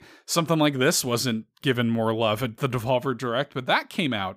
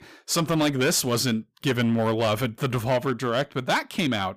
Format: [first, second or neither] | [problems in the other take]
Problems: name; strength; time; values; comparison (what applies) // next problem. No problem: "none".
first | distortion; slight; 9% of the sound clipped